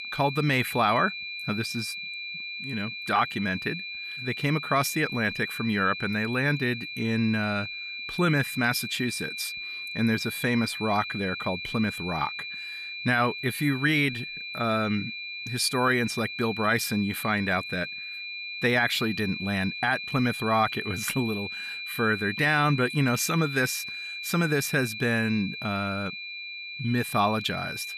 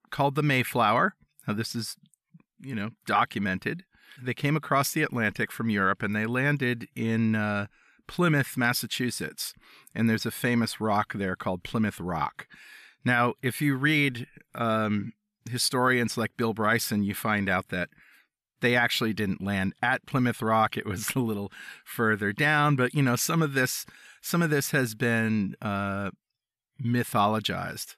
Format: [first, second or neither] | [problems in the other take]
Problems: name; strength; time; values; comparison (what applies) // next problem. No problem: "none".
second | high-pitched whine; loud; throughout; 2.5 kHz, 7 dB below the speech